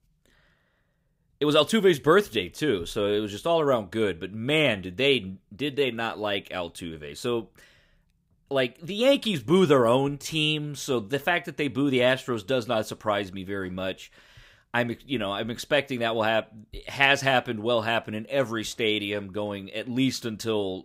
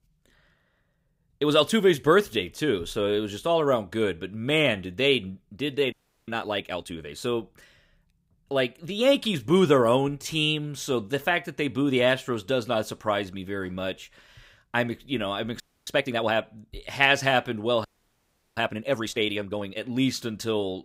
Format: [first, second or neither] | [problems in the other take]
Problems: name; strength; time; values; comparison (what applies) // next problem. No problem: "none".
first | audio freezing; at 6 s, at 16 s and at 18 s for 0.5 s